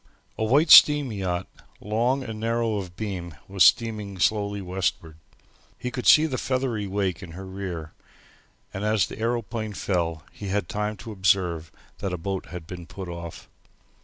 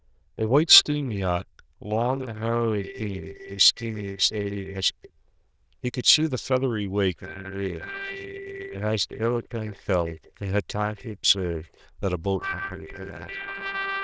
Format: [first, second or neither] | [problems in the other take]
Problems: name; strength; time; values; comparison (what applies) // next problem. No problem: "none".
first | noise reduction (neural diffusion model UNIVERSE++)